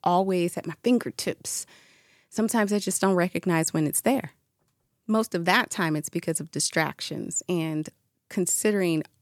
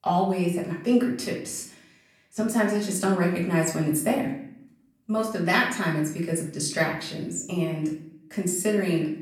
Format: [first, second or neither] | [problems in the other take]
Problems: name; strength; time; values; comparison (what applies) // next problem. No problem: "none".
first | off-mic speech; far // room echo; slight; dies away in 0.6 s